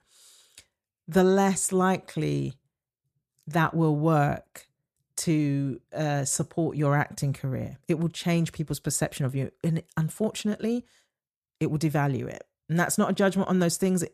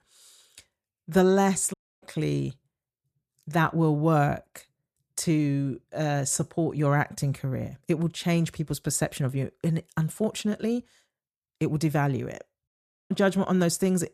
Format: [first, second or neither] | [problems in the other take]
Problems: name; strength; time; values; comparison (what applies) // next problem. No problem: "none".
first | audio cutting out; at 1.5 s and at 13 s